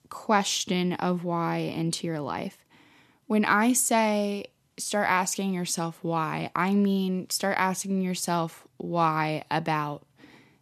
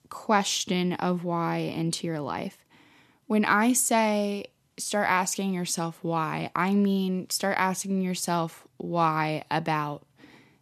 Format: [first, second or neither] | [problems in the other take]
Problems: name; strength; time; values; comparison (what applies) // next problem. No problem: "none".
neither | none